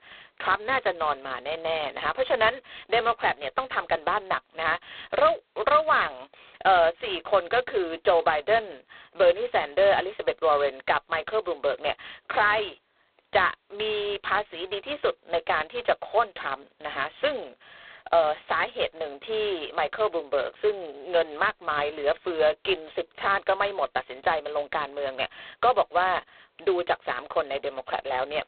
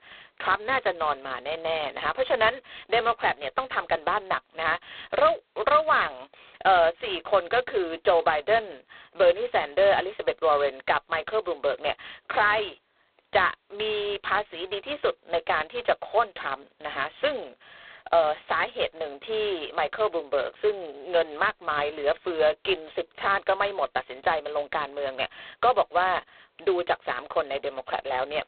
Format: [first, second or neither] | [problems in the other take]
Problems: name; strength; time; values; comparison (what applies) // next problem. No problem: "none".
neither | phone-call audio; poor line; nothing above 4 kHz; the same in both